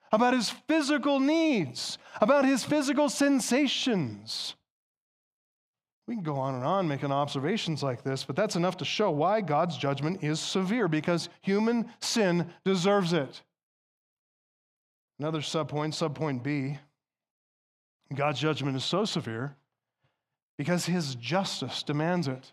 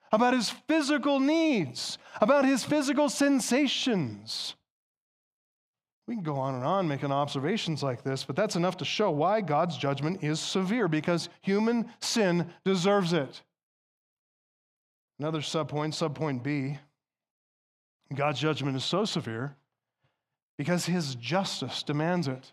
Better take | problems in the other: neither | none

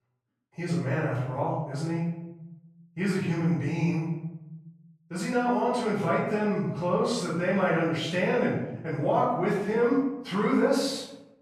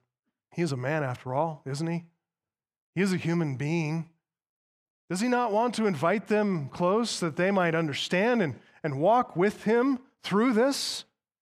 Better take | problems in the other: second | off-mic speech; far // room echo; noticeable; dies away in 0.9 s

